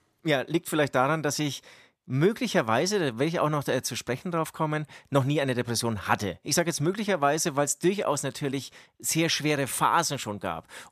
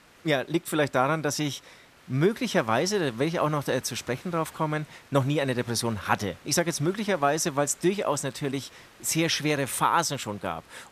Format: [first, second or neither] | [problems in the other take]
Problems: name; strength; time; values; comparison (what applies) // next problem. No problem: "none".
first | hiss; faint; throughout; 25 dB below the speech